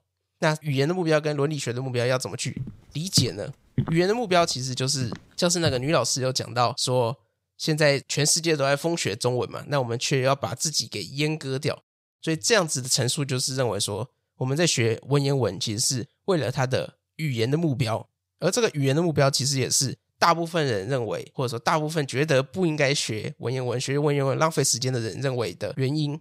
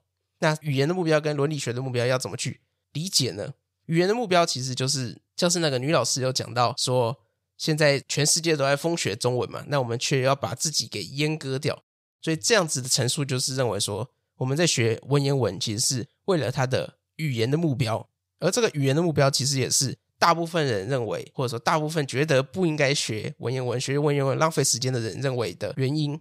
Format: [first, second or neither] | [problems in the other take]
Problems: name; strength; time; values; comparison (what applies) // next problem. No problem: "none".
second | footsteps; noticeable; from 2.5 to 6 s; peak 6 dB below the speech